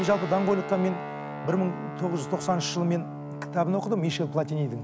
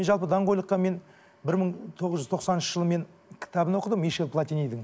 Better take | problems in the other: second | background sound (Guitar); 9 dB below the speech

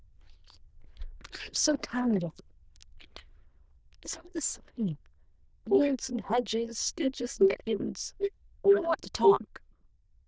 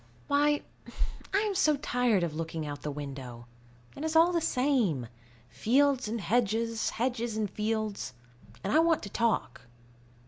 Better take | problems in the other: second | noise reduction (neural diffusion model UNIVERSE++)

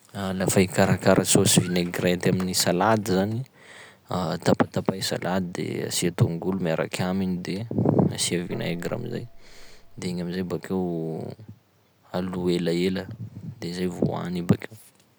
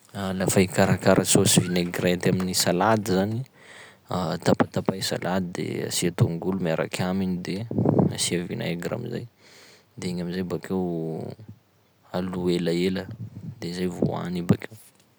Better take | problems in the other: second | background sound (Gong); 16 dB below the speech

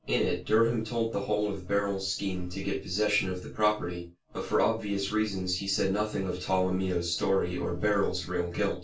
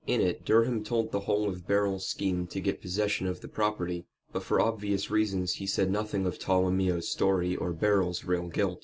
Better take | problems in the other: second | room echo; dies away in 0.2 s

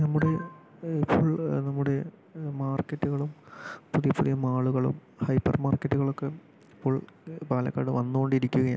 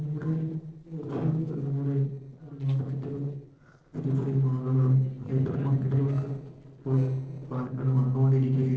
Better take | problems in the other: first | noise reduction (neural separator model SepFormer DNS4)

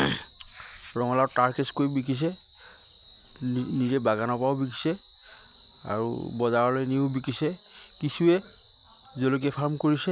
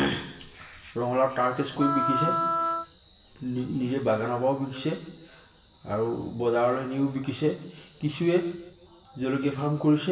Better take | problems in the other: first | background sound (Wind instrument, woodwind instrument); 1 dB below the speech // room echo; dies away in 1 s

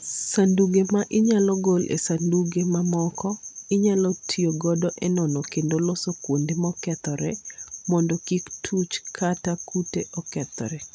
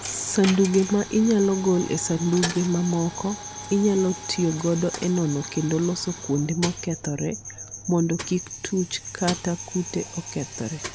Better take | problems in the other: first | background sound (Coin (dropping)); 13 dB below the speech

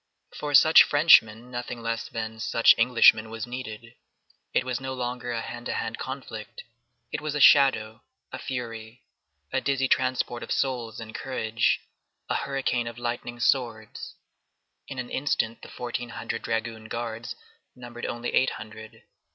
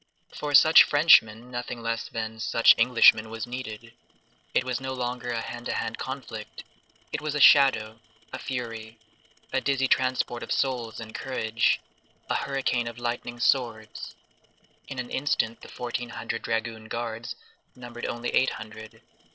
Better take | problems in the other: first | noise reduction (neural separator model SepFormer DNS4)

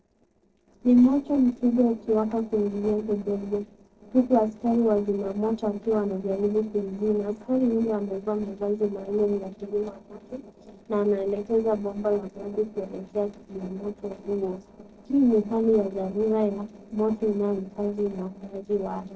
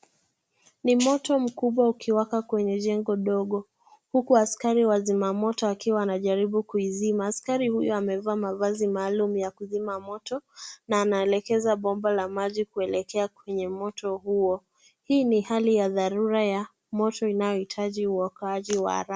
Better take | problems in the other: second | noise reduction (neural separator model SepFormer DNS4)

